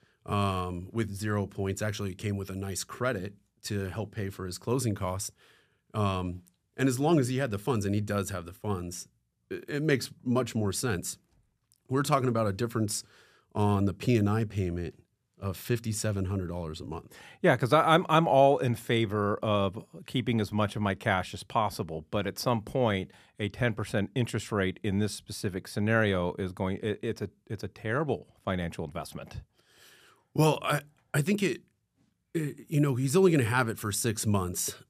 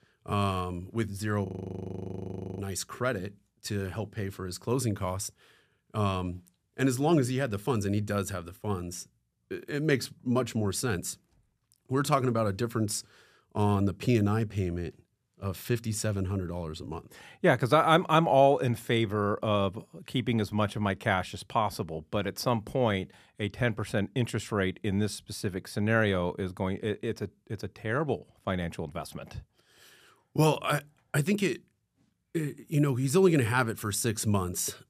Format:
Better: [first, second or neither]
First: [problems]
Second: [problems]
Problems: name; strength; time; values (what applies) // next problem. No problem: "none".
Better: first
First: none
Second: audio freezing; at 1.5 s for 1 s